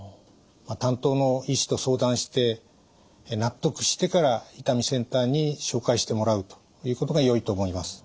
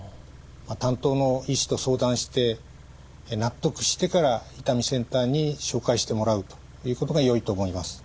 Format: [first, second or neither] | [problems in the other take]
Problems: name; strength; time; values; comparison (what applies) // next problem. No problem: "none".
first | background sound (Idling / Car); 20 dB below the speech